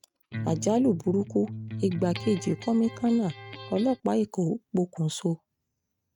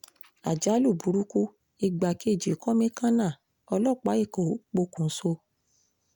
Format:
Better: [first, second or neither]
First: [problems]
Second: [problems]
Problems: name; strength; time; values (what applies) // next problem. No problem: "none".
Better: second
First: noise reduction (neural mask model RNNoise)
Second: none